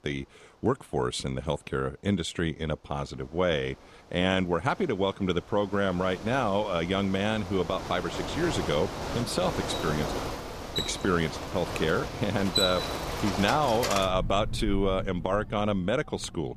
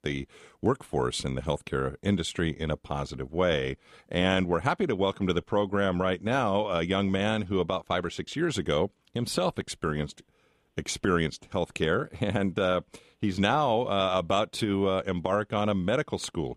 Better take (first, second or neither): second